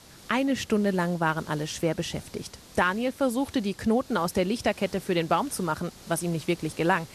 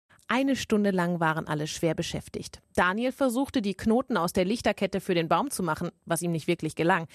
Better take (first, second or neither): second